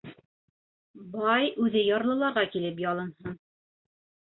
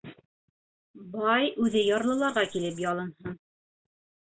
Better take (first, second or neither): first